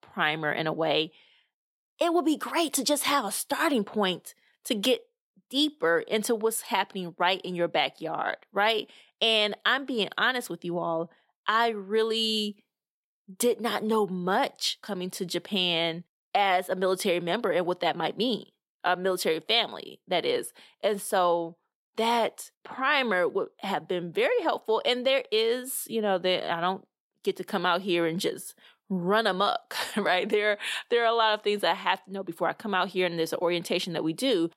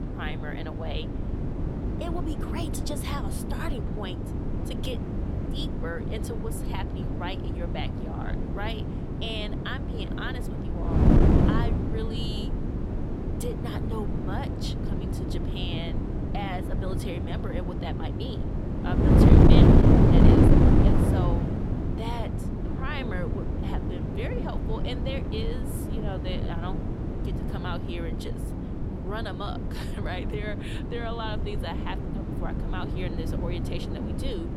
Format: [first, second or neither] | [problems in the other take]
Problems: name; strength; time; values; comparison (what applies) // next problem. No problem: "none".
first | wind noise on the microphone; heavy; 3 dB above the speech